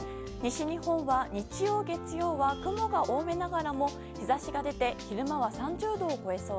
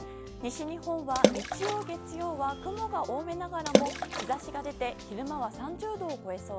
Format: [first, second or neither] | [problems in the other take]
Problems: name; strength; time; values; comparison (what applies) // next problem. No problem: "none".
first | background sound (Water / Splash, splatter); 3 dB above the speech